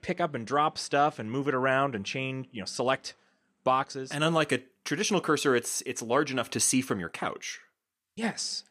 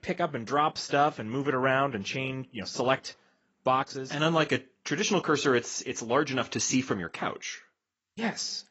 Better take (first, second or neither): first